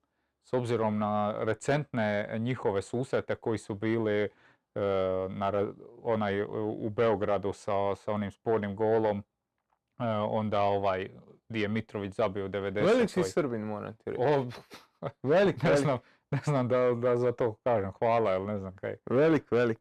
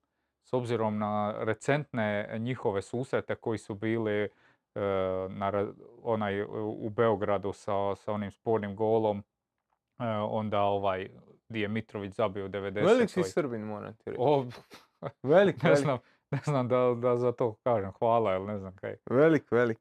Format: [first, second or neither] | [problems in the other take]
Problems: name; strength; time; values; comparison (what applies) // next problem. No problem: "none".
second | distortion; slight; 10 dB below the speech